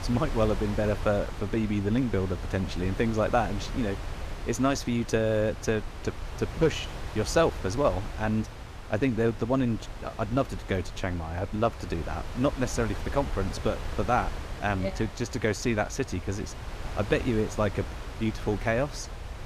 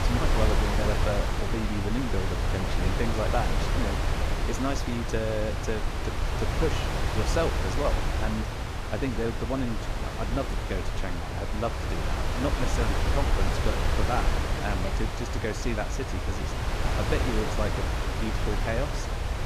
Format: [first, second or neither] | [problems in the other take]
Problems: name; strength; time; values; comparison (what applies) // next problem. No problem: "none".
first | wind noise on the microphone; heavy; 1 dB above the speech; occasional gusts in the first